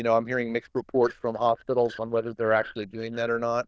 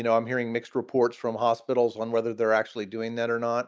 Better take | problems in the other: second | noise reduction (neural diffusion model UNIVERSE++)

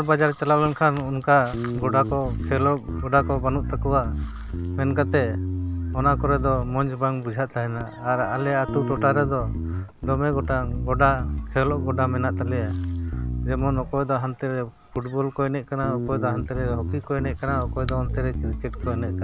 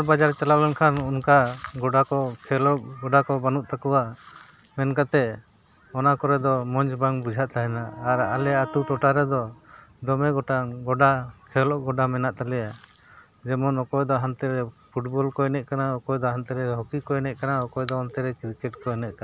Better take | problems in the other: second | background sound (Bass guitar); 4 dB below the speech

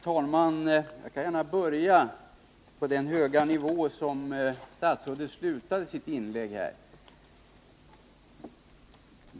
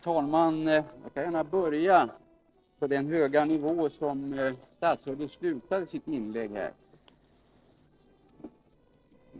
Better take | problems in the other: first | noise reduction (neural separator model SepFormer DNS4)

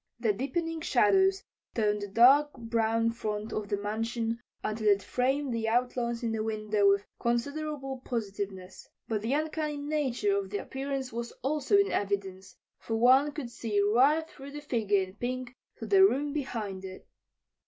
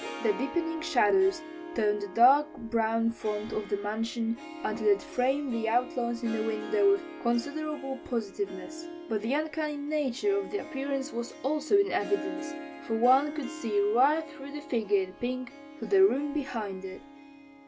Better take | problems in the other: first | background sound (Harp); 13 dB below the speech

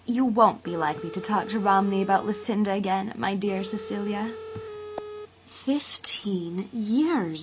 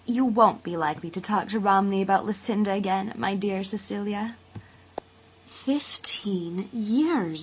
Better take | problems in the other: second | background sound (Telephone); 12 dB below the speech

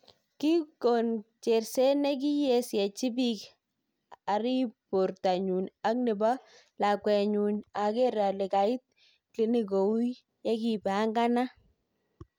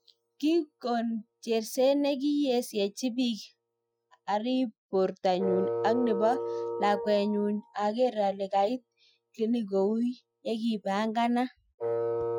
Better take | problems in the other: first | noise reduction (classical method Wiener filter)

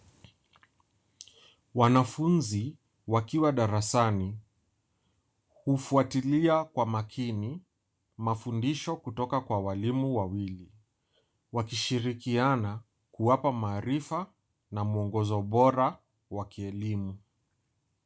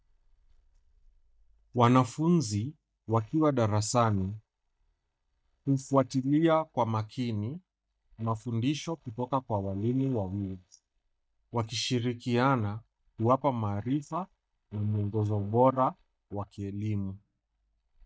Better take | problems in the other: first | noise reduction (neural mask model DeepFilterNet 3)

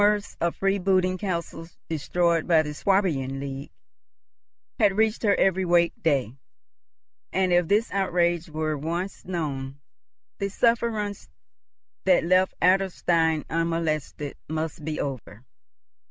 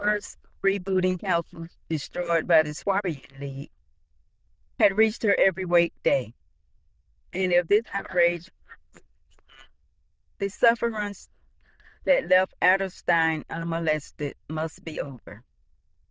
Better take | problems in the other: first | noise reduction (neural diffusion model UNIVERSE++)

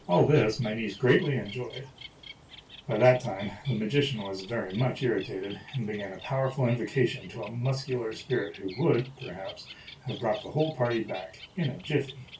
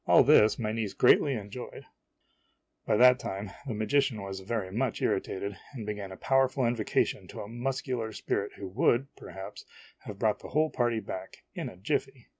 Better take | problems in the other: second | background sound (Bird); 19 dB below the speech // room echo; dies away in 0.2 s

